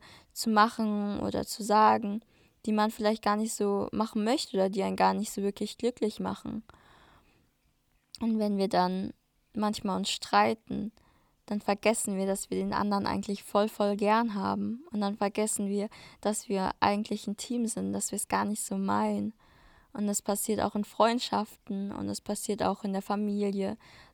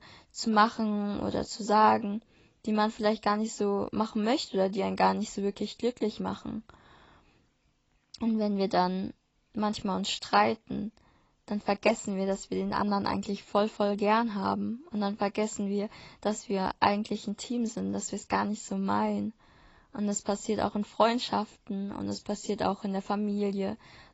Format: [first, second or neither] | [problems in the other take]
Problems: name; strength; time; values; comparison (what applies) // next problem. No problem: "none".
first | garbled, watery; badly; nothing above 7.5 kHz